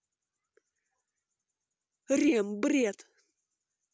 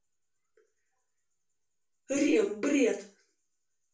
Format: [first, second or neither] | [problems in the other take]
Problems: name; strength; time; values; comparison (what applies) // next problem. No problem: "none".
first | room echo; dies away in 0.3 s